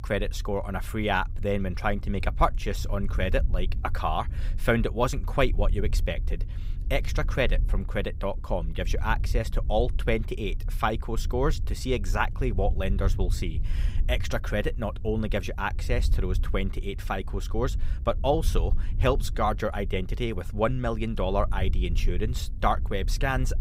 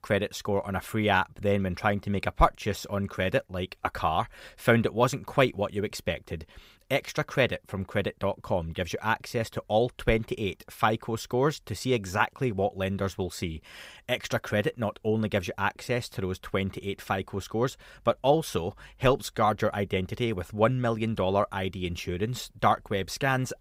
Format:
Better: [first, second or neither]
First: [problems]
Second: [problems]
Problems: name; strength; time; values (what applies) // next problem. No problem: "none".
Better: second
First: low rumble; faint; throughout; 20 dB below the speech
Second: none